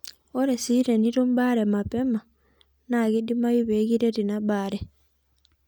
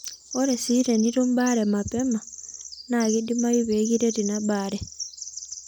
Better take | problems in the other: first | background sound (Bird vocalization, bird call, bird song); 13 dB below the speech

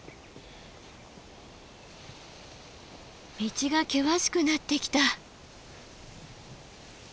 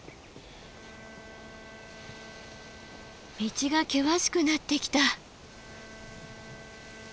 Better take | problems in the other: first | background sound (Bowed string instrument); 20 dB below the speech

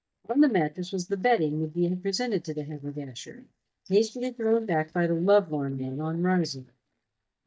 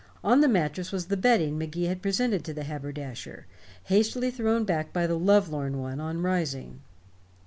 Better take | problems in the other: second | noise reduction (neural mask model DeepFilterNet 3)

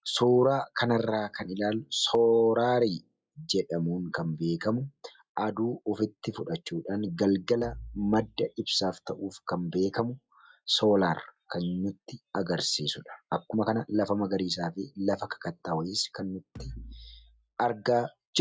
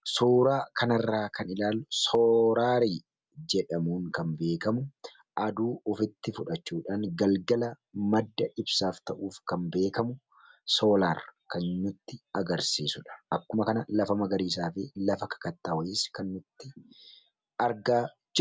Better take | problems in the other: second | noise reduction (classical method log-MMSE)

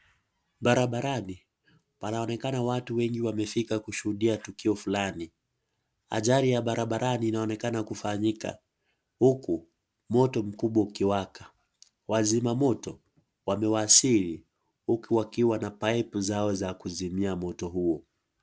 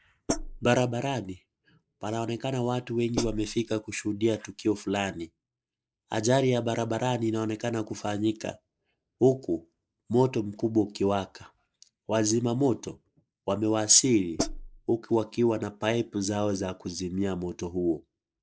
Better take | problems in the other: first | noise reduction (neural mask model Resemble Enhance denoiser)

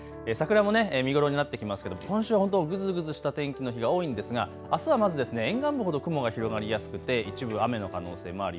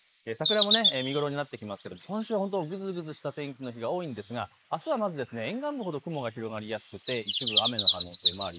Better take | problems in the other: first | noise reduction (neural mask model Resemble Enhance denoiser)

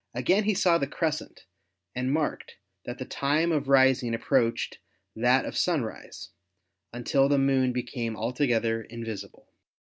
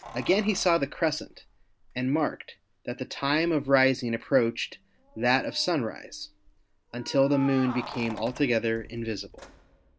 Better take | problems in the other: first | background sound (Keys jangling); 18 dB below the speech

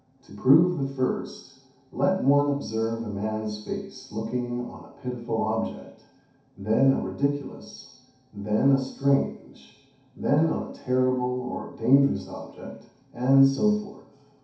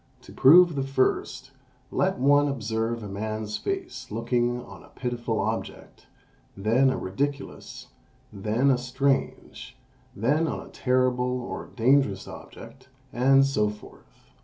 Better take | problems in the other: second | room echo; dies away in 0.7 s

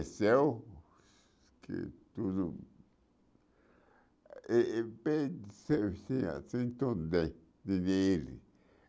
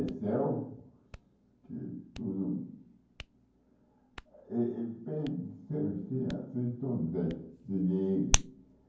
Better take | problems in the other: first | background sound (Hands); 6 dB below the speech // room echo; dies away in 0.9 s

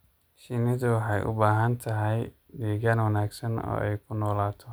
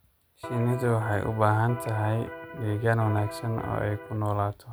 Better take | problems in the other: first | background sound (Electric guitar); 12 dB below the speech

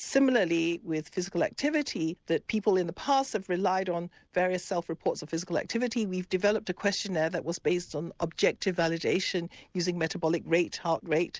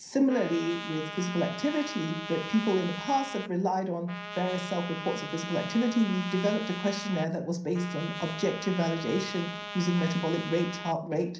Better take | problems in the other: first | background sound (Trumpet); 10 dB below the speech // room echo; dies away in 0.6 s

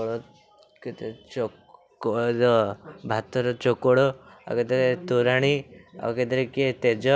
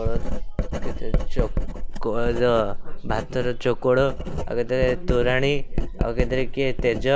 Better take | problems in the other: first | background sound (Writing); 1 dB above the speech

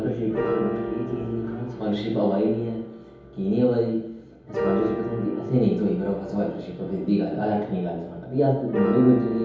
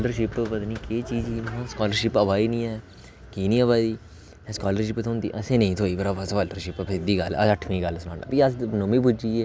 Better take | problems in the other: second | background sound (Piano); 8 dB below the speech // room echo; dies away in 2.2 s

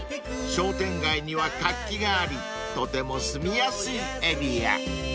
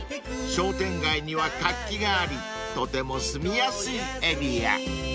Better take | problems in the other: second | background sound (Wind instrument, woodwind instrument); 15 dB below the speech

